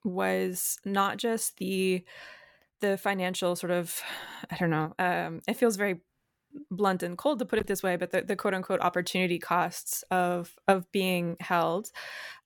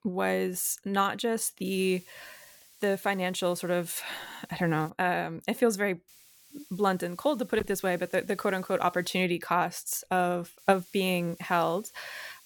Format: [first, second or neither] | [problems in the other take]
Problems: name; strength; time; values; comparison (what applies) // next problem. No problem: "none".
first | hiss; faint; from 1.5 to 5 s, from 6 to 9 s and from 11 s on; 25 dB below the speech